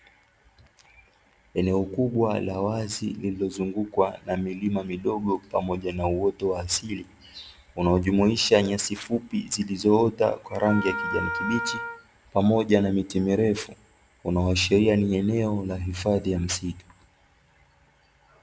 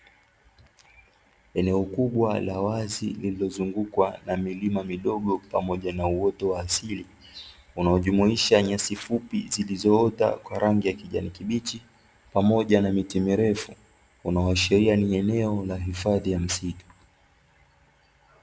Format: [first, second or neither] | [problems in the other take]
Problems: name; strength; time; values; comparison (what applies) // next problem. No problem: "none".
second | background sound (Wind instrument, woodwind instrument); 7 dB below the speech